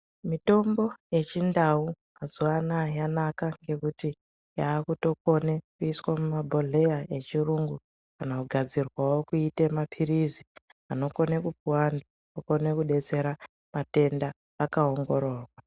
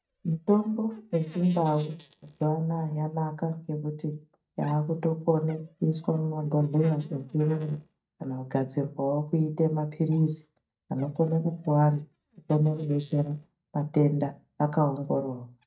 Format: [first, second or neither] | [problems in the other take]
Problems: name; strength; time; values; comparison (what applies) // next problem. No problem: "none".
first | noise reduction (neural mask model DeepFilterNet 3)